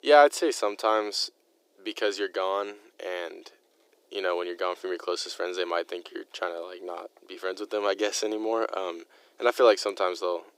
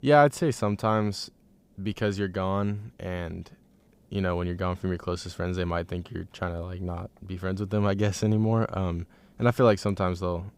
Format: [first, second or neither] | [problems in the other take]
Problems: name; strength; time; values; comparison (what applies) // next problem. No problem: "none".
second | thin; very; fading below 350 Hz